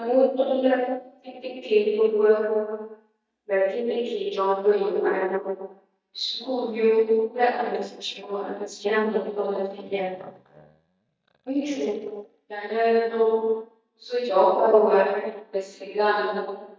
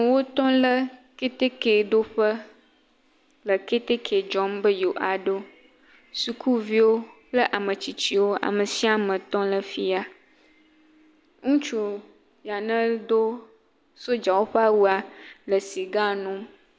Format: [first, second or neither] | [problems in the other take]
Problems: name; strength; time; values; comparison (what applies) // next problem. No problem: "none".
second | noise reduction (neural mask model DeepFilterNet 3)